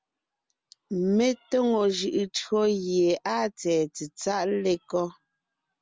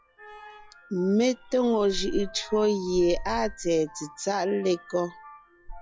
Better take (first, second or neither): first